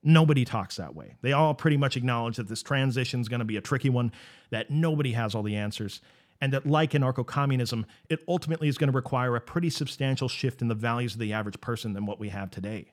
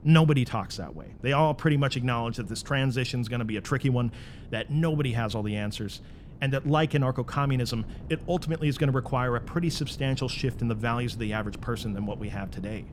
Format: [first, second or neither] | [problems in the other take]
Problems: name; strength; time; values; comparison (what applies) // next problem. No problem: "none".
first | wind noise on the microphone; occasional gusts; 20 dB below the speech